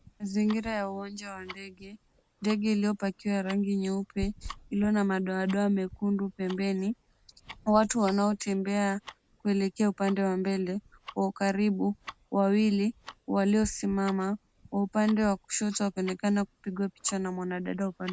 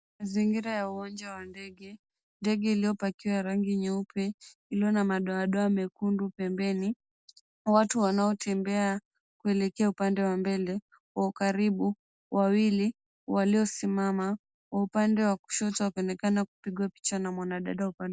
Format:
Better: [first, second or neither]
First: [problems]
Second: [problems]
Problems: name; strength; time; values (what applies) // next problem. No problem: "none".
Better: second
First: background sound (Tick-tock); 20 dB below the speech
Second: none